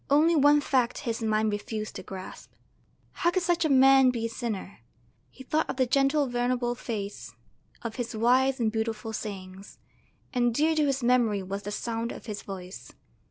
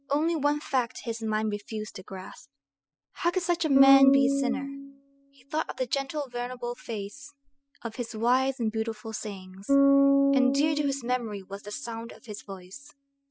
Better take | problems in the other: first | noise reduction (classical method spectral subtraction)

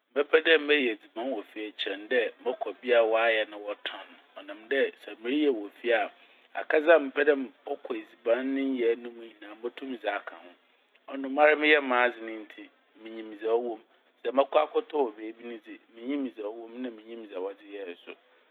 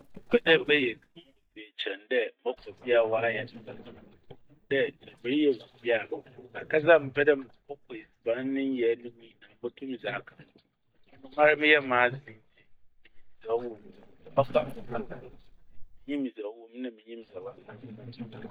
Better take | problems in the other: first | noise reduction (neural mask model DeepFilterNet 3)

